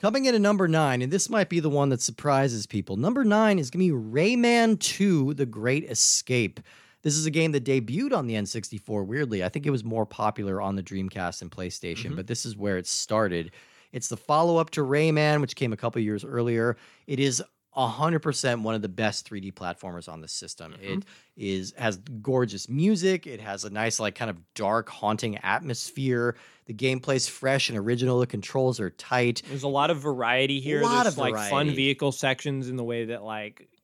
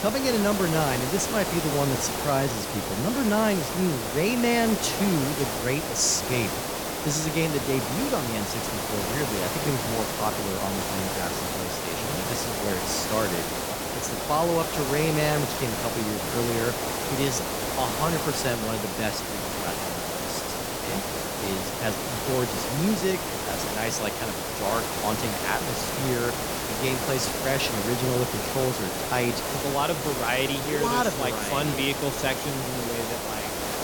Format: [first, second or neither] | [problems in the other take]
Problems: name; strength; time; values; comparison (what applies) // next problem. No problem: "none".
first | hiss; loud; throughout; as loud as the speech